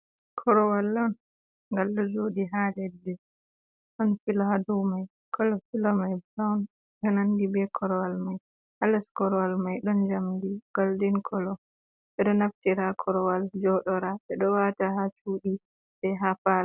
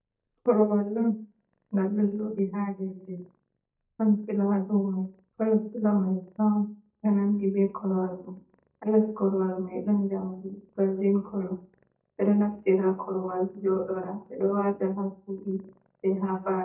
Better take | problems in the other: first | noise reduction (neural mask model DeepFilterNet 3)

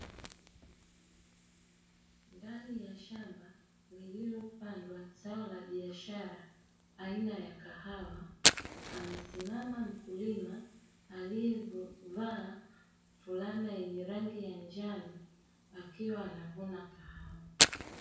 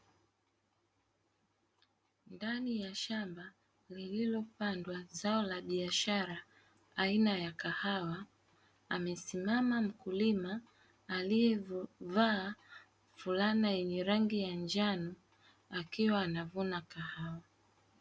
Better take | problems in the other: second | background sound (Fire); 2 dB above the speech // room echo; dies away in 0.6 s

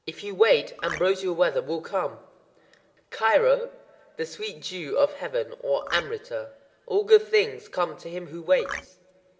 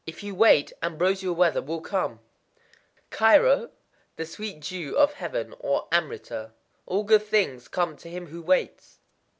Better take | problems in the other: second | background sound (Marimba, xylophone); 9 dB below the speech // room echo; dies away in 1.7 s

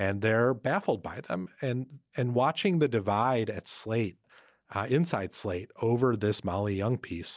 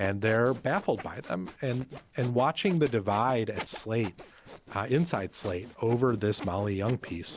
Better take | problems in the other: first | background sound (Sawing); 17 dB below the speech

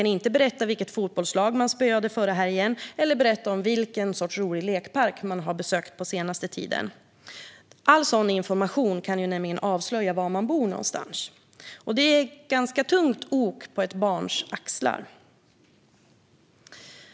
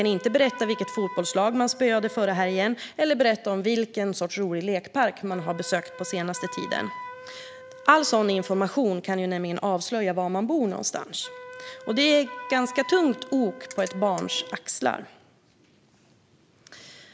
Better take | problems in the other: first | background sound (Ratchet, pawl + Wind instrument, woodwind instrument); 17 dB below the speech

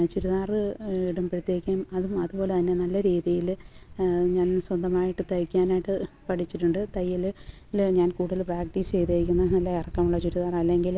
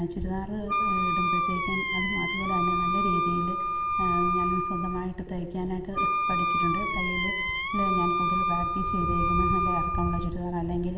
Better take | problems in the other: first | background sound (Wind instrument, woodwind instrument); 2 dB above the speech // room echo; dies away in 2.2 s

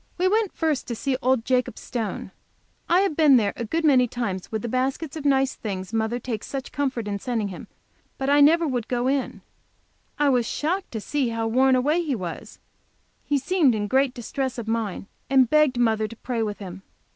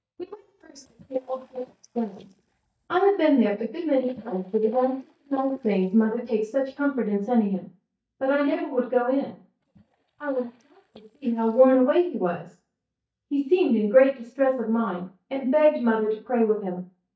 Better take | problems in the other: first | noise reduction (neural mask model DeepFilterNet 3)

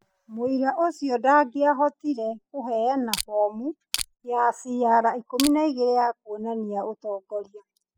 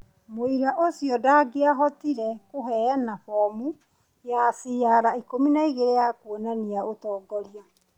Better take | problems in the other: second | noise reduction (classical method spectral subtraction)

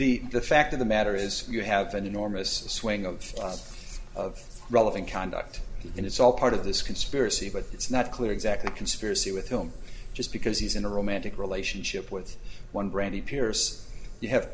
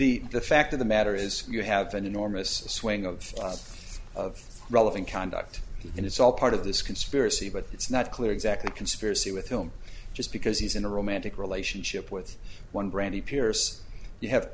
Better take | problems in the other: second | room echo; dies away in 2.3 s

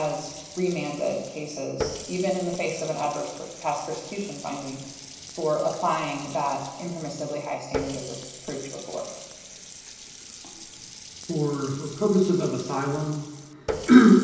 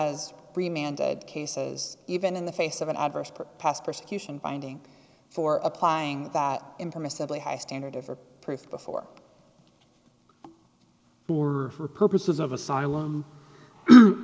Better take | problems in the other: second | background sound (Water tap, faucet); 13 dB below the speech // room echo; dies away in 0.9 s

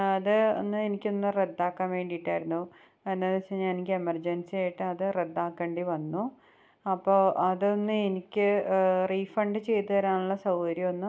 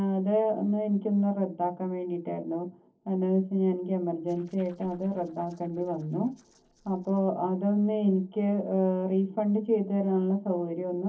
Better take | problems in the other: first | noise reduction (neural separator model SepFormer DNS4)

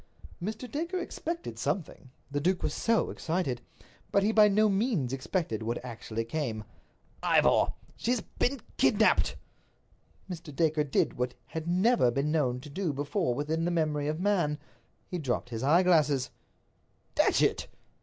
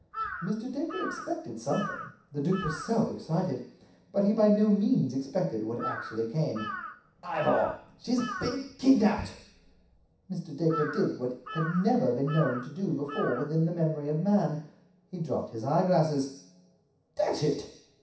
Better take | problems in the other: first | background sound (Bird vocalization, bird call, bird song / Crow); 11 dB below the speech // room echo; dies away in 0.7 s

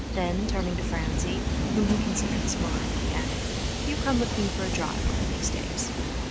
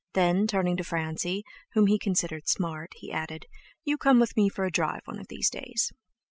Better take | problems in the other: second | background sound (Train); 4 dB above the speech

